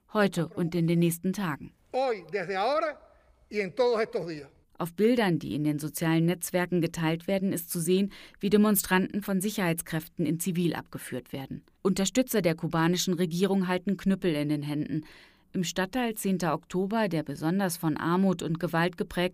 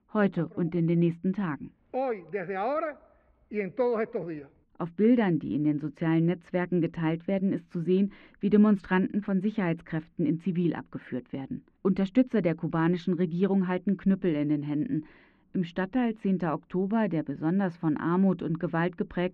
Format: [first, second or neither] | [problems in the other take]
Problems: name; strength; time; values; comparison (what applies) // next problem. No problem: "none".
first | muffled; very; fading above 2.5 kHz